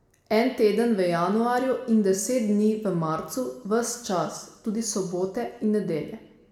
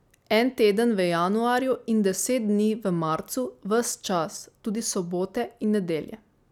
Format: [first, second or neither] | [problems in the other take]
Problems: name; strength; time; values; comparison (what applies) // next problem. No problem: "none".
second | room echo; dies away in 0.8 s